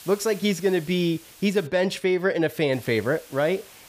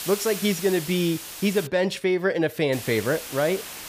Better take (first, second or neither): first